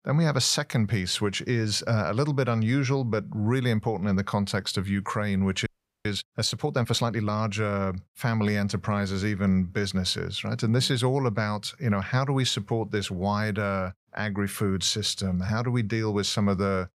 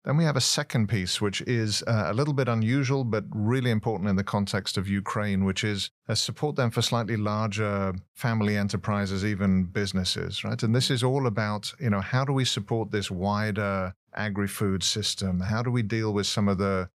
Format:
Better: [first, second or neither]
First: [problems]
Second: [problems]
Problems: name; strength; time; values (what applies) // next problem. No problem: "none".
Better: second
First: audio freezing; at 5.5 s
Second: none